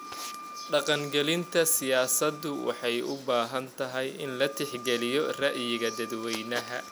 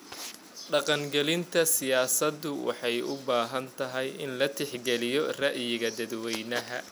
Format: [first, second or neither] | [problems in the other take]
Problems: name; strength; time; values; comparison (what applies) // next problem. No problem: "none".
second | background sound (Wind instrument, woodwind instrument); 15 dB below the speech